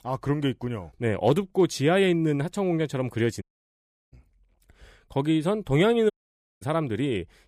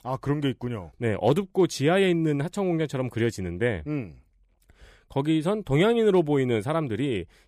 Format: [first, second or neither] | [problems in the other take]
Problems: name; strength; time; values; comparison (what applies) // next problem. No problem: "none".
second | audio cutting out; at 3.5 s for 0.5 s and at 6 s for 0.5 s